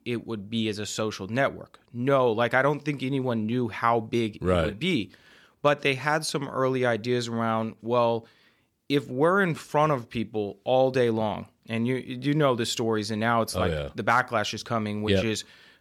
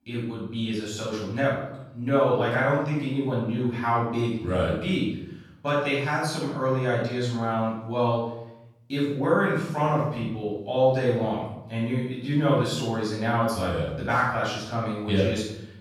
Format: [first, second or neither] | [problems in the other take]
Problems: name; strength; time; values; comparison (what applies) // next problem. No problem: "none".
first | off-mic speech; far // room echo; strong; dies away in 0.8 s